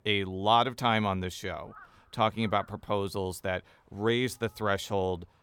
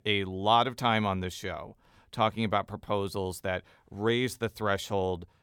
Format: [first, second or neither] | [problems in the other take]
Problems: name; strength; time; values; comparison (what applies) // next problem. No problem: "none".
second | animal sounds; faint; throughout; 25 dB below the speech